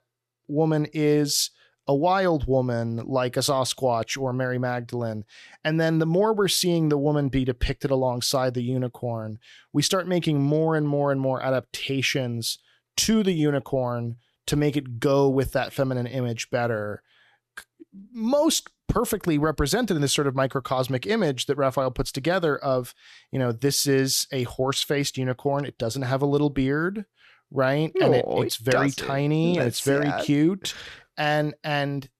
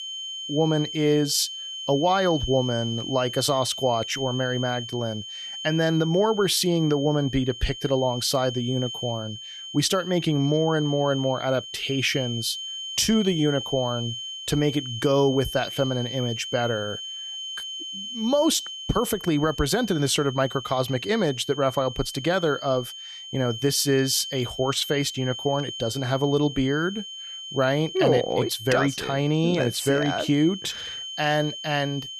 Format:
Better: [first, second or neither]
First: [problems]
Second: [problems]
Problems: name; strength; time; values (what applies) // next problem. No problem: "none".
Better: first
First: none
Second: high-pitched whine; loud; throughout; 3 kHz, 9 dB below the speech